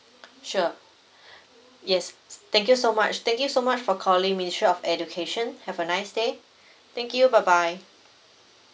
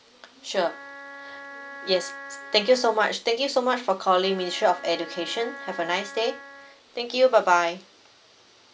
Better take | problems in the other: first | background sound (Wind instrument, woodwind instrument); 16 dB below the speech

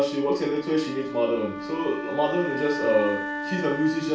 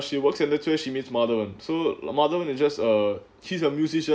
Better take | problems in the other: second | background sound (Wind instrument, woodwind instrument); 7 dB below the speech // room echo; dies away in 0.4 s

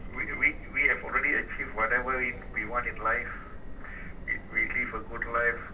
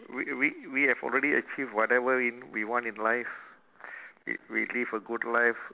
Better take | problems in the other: second | background sound (Subway, metro, underground); 11 dB below the speech // room echo; dies away in 0.2 s

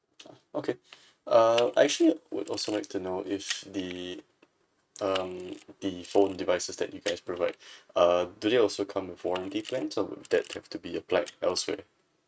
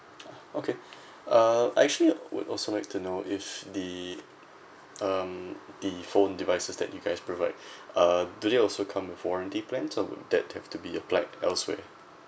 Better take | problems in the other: second | noise reduction (neural mask model RNNoise)

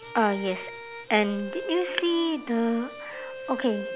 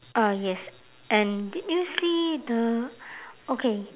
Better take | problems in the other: second | background sound (Bowed string instrument); 11 dB below the speech

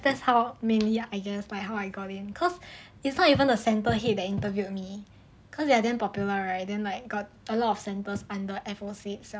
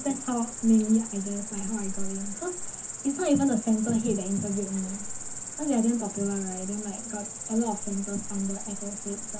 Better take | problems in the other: first | background sound (Cricket); 6 dB below the speech // room echo; dies away in 0.4 s

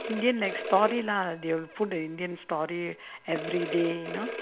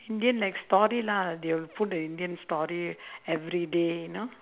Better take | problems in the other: second | background sound (Telephone); 10 dB below the speech

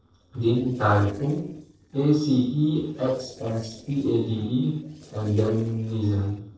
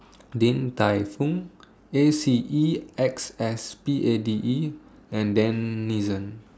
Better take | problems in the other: second | noise reduction (neural separator model SepFormer DNS4)

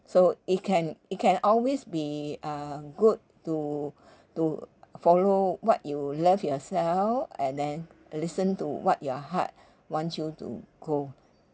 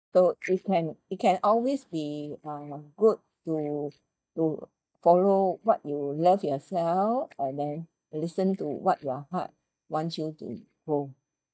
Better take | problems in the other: first | noise reduction (neural mask model DeepFilterNet 3)

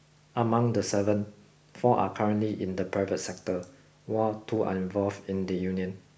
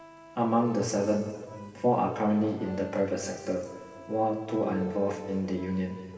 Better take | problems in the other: first | background sound (Accordion); 15 dB below the speech // room echo; dies away in 2.3 s

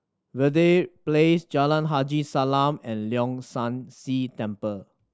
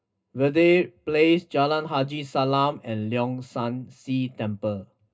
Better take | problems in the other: first | room echo; dies away in 0.2 s

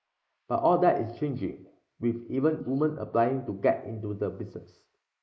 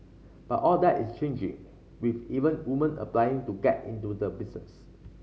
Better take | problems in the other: second | noise reduction (neural mask model Resemble Enhance denoiser)

